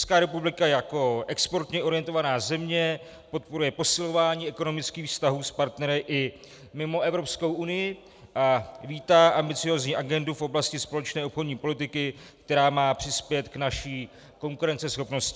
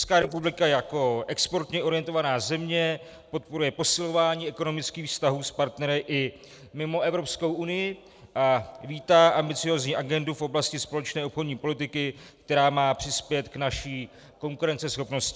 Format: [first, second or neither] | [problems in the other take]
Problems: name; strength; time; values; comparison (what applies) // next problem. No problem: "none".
first | noise reduction (neural separator model SepFormer DNS4)